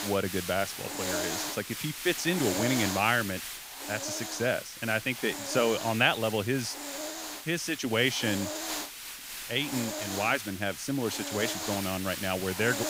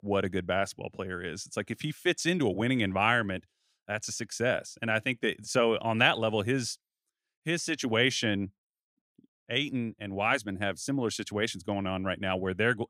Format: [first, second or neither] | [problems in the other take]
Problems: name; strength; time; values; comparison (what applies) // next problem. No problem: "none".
second | hiss; loud; throughout; 5 dB below the speech